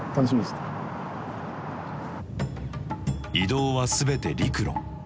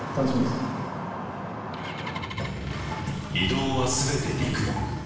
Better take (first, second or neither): first